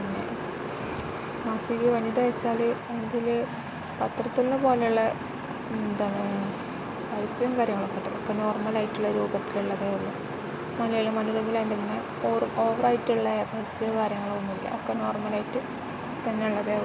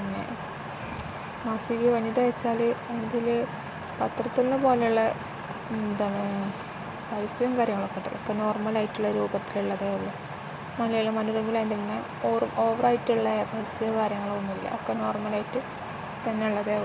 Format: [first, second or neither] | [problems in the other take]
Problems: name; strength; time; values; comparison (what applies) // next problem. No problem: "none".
second | background sound (Motorcycle); 10 dB below the speech